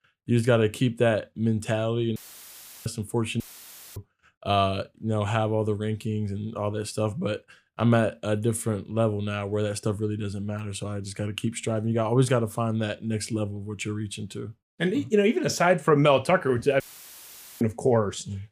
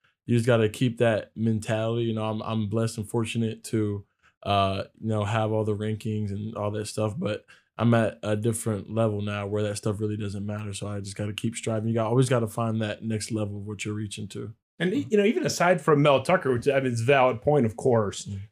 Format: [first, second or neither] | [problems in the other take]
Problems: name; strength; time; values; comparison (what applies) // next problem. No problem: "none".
second | audio cutting out; filled with static; at 2 s for 0.5 s, at 3.5 s for 0.5 s and at 17 s for 1 s